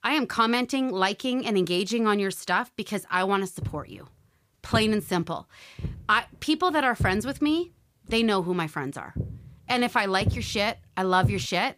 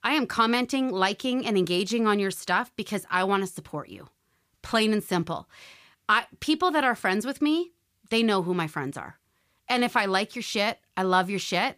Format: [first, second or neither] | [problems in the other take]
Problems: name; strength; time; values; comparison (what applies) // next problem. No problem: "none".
second | footsteps; noticeable; from 3.5 s on; peak 3 dB below the speech